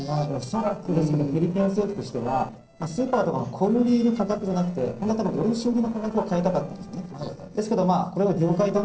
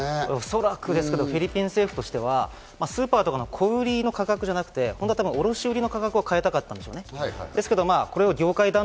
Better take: second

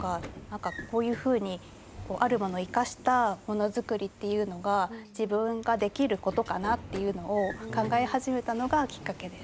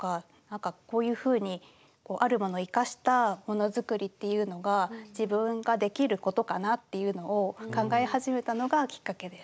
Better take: second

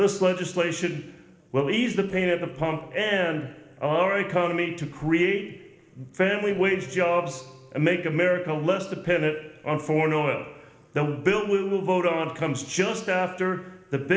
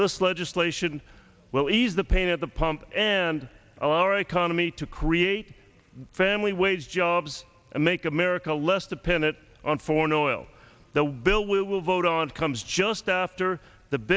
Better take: second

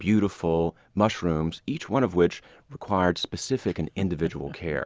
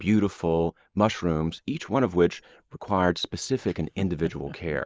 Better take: first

